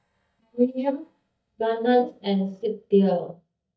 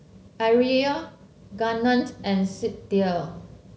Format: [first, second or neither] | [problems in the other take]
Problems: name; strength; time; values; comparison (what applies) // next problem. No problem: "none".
second | noise reduction (neural mask model DeepFilterNet 3)